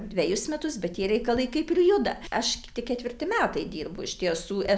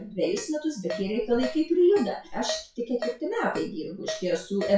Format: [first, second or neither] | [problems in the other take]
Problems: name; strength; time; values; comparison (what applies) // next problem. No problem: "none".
first | noise reduction (classical method WPE with log-MMSE)